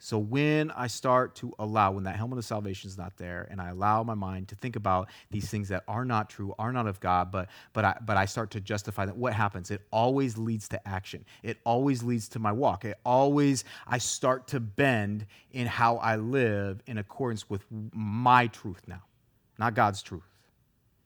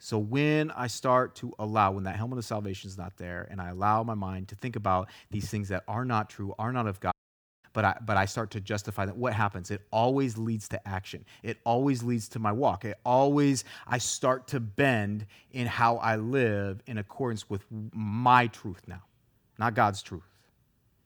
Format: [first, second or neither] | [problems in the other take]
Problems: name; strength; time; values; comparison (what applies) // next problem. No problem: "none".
first | audio cutting out; at 7 s for 0.5 s